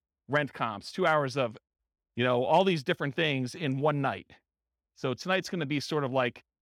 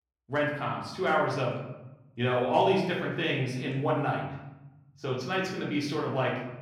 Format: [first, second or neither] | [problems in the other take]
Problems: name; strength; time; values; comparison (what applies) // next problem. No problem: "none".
first | room echo; noticeable; dies away in 0.9 s // off-mic speech; far